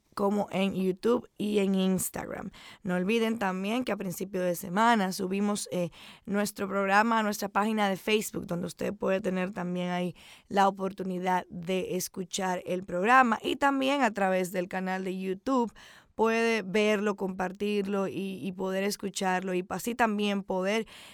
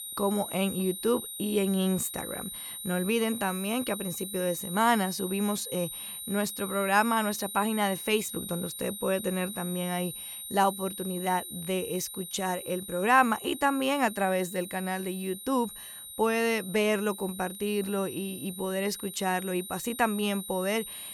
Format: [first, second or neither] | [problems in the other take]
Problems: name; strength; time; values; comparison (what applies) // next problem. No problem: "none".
first | high-pitched whine; loud; throughout; 9 kHz, 8 dB below the speech